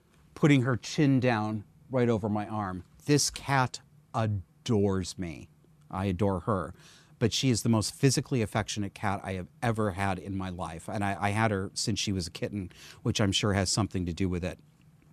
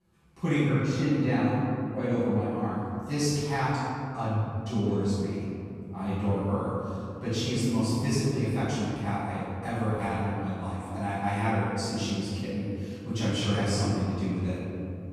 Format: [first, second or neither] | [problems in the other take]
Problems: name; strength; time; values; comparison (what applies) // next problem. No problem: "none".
first | off-mic speech; far // room echo; strong; dies away in 2.5 s